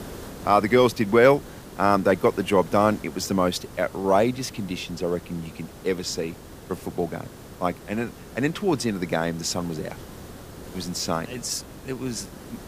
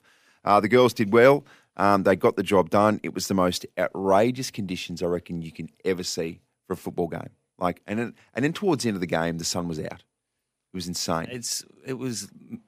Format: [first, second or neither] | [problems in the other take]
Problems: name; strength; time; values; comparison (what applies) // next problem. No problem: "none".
second | hiss; noticeable; throughout; 20 dB below the speech